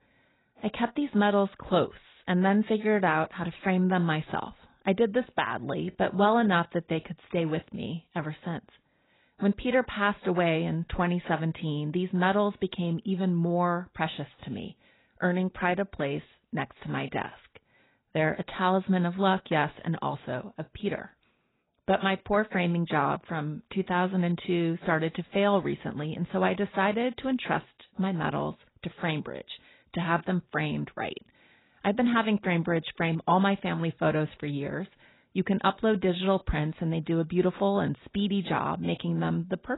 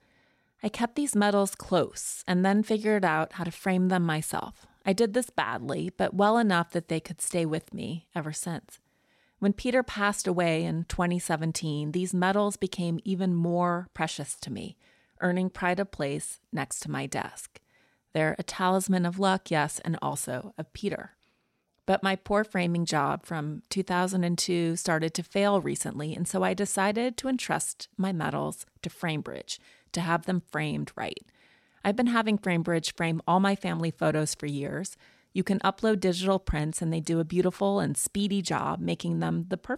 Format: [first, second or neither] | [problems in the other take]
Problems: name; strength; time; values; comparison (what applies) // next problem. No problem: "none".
second | garbled, watery; badly; nothing above 4 kHz